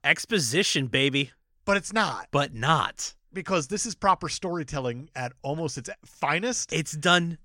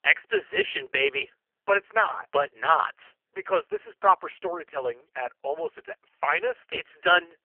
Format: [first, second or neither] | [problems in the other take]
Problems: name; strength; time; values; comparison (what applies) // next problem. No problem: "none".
first | phone-call audio; poor line; nothing above 3 kHz